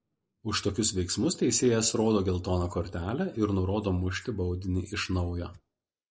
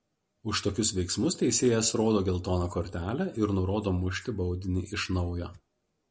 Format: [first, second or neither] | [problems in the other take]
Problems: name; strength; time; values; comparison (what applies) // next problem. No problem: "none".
second | noise reduction (neural mask model Resemble Enhance denoiser)